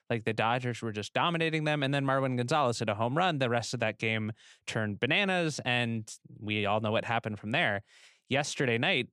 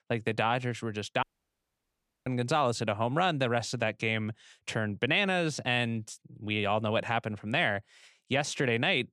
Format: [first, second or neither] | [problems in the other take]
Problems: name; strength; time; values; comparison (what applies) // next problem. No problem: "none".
first | audio cutting out; at 1 s for 1 s